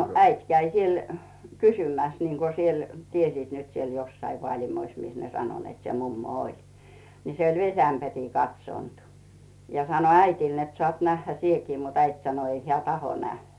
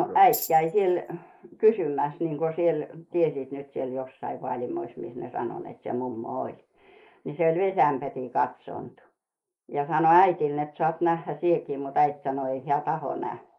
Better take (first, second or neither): first